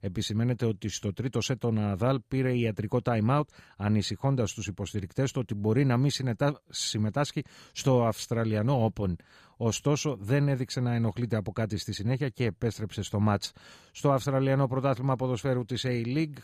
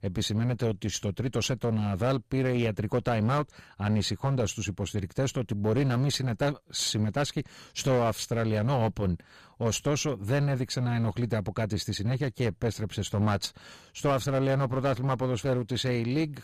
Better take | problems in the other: first | distortion; heavy; 11% of the sound clipped

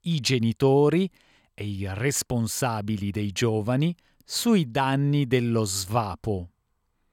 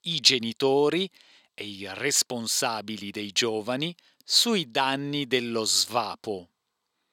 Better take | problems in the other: first | thin; somewhat; fading below 300 Hz

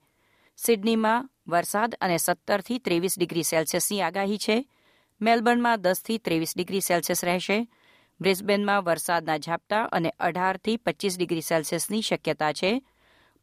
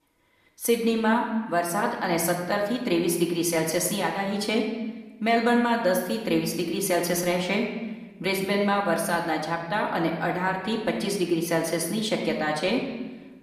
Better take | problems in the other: first | room echo; slight; dies away in 1.1 s // off-mic speech; far

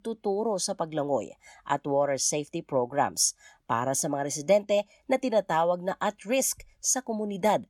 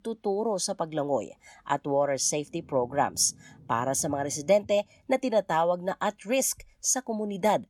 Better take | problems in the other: first | rain or running water; faint; throughout; 25 dB below the speech

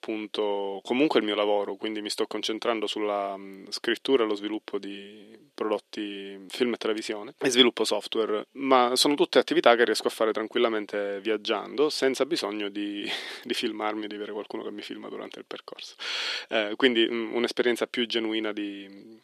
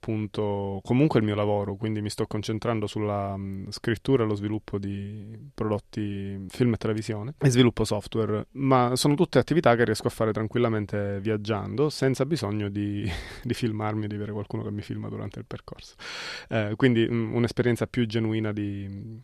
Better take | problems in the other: second | thin; somewhat; fading below 300 Hz

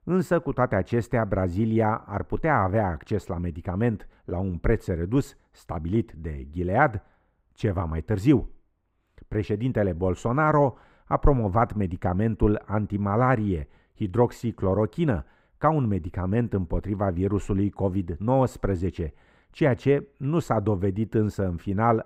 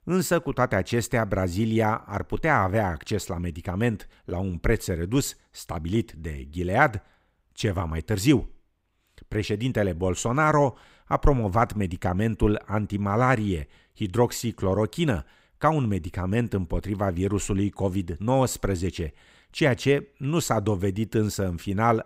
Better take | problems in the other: second | muffled; slightly; fading above 2.5 kHz

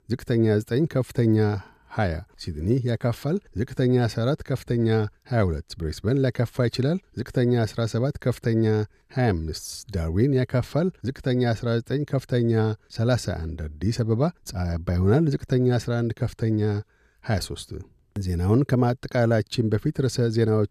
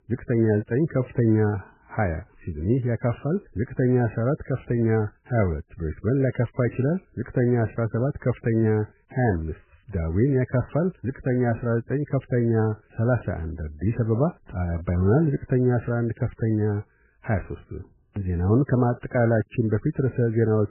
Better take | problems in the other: first | garbled, watery; badly; nothing above 2.5 kHz

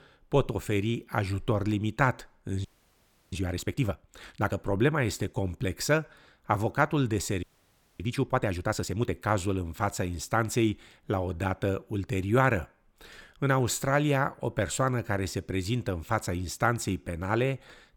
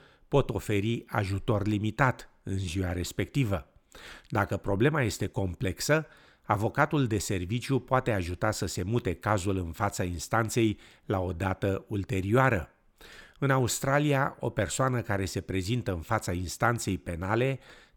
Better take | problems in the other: second | audio freezing; at 2.5 s for 0.5 s and at 7.5 s for 0.5 s

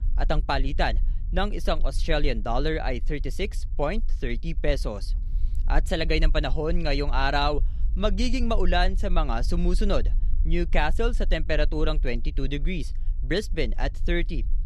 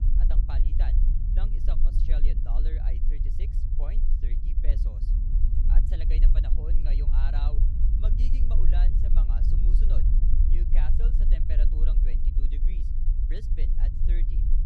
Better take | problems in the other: first | low rumble; loud; throughout; 1 dB below the speech; faint in the first

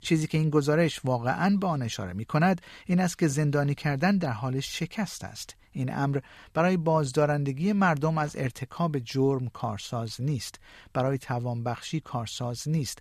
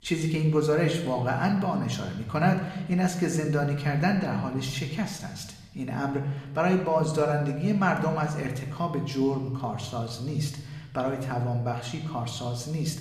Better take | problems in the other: first | room echo; slight; dies away in 1 s

